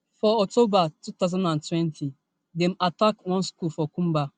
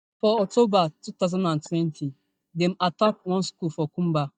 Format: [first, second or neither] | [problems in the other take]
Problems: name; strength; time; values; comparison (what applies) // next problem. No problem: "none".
first | noise reduction (neural mask model DeepFilterNet 3)